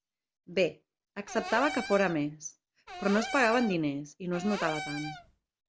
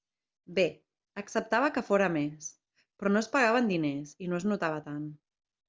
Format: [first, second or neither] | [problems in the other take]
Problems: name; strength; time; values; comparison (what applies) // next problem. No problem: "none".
second | background sound (Cupboard open or close / Door); 9 dB below the speech